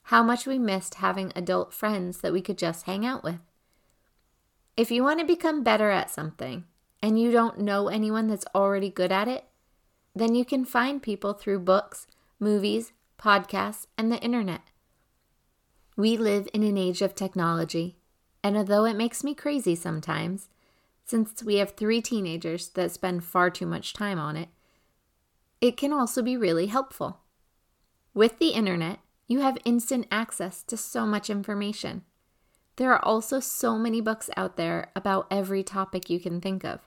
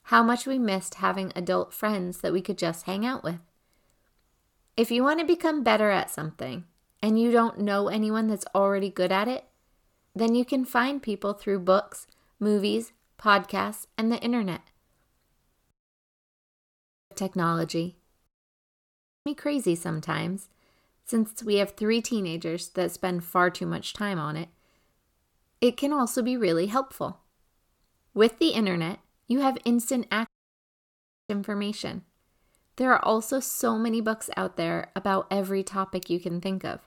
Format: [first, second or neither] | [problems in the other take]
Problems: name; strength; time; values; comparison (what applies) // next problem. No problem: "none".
first | audio cutting out; at 16 s for 1.5 s, at 18 s for 1 s and at 30 s for 1 s